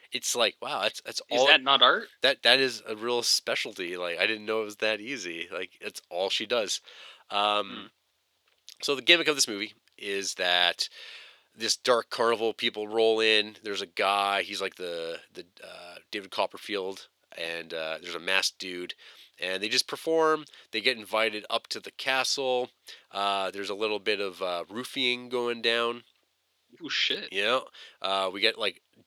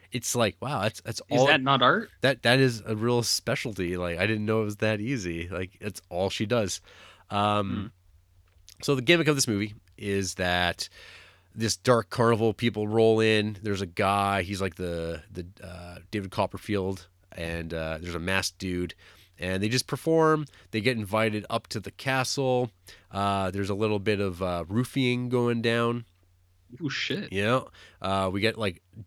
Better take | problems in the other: second | thin; somewhat; fading below 450 Hz

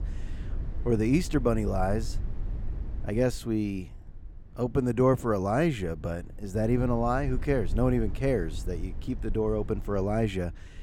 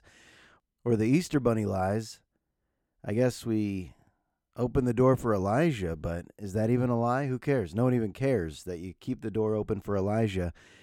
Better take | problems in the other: second | low rumble; faint; throughout; 20 dB below the speech

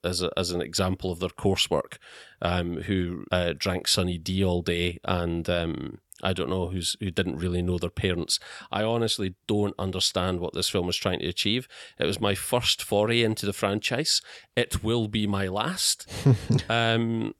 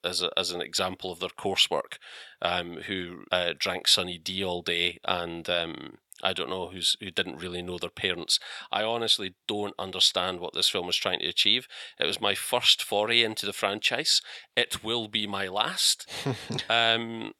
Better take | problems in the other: first | thin; somewhat; fading below 1 kHz

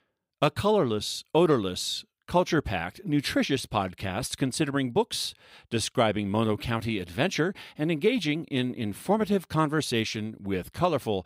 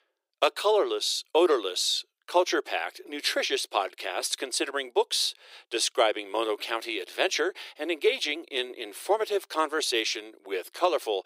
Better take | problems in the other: first | thin; very; fading below 350 Hz

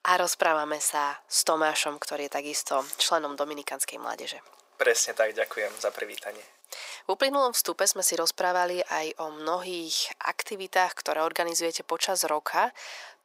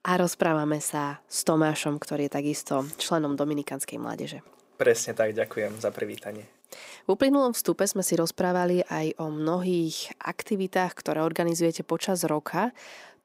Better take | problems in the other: second | thin; very; fading below 750 Hz

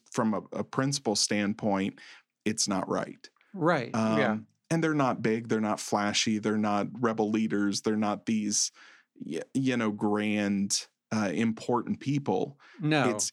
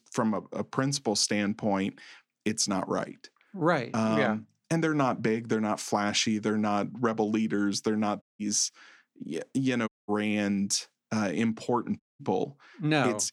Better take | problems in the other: first | audio cutting out; at 8 s, at 10 s and at 12 s

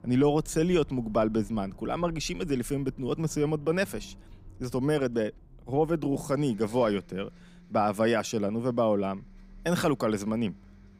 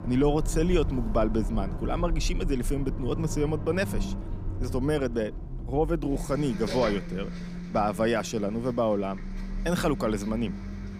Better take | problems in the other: first | traffic noise; loud; throughout; 7 dB below the speech; faint in the first

